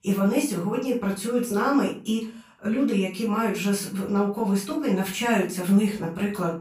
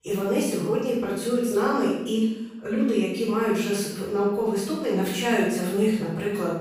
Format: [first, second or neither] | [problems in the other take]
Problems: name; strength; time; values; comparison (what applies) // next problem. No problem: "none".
first | room echo; strong; dies away in 0.8 s; slight in the first // off-mic speech; far; far in the first